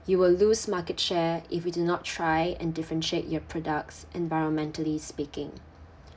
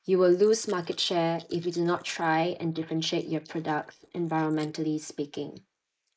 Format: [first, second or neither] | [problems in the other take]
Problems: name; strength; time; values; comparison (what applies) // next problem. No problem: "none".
first | noise reduction (neural mask model Resemble Enhance denoiser)